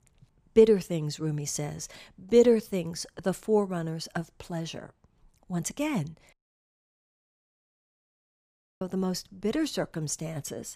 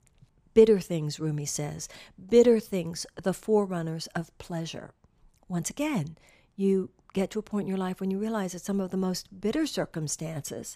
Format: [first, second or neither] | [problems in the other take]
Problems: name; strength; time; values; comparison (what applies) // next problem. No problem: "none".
second | audio cutting out; at 6.5 s for 2.5 s